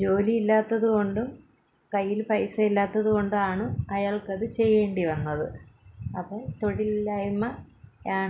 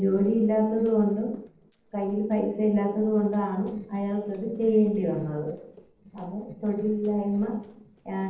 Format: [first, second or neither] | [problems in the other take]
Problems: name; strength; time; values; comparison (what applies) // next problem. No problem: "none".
first | noise reduction (neural separator model SepFormer DNS4)